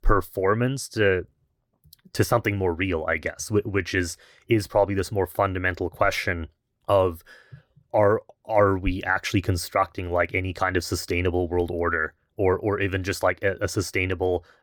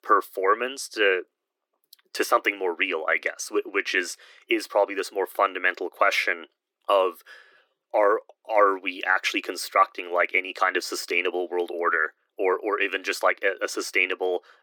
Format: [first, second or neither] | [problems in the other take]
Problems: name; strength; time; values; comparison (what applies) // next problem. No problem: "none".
first | thin; very; fading below 300 Hz